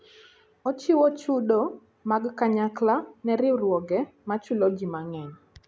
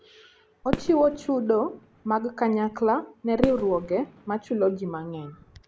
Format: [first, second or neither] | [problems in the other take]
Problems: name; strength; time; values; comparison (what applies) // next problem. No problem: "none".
first | background sound (Fireworks); 11 dB below the speech